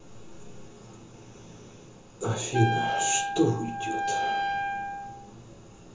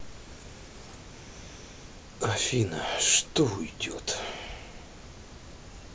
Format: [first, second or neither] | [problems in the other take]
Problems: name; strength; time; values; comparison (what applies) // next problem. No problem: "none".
second | background sound (Wind instrument, woodwind instrument); 1 dB above the speech // room echo; dies away in 0.8 s